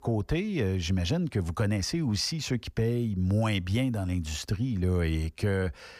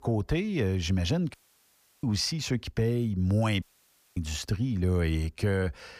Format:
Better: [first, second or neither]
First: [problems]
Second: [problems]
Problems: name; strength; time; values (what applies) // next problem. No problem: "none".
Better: first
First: none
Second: audio cutting out; at 1.5 s for 0.5 s and at 3.5 s for 0.5 s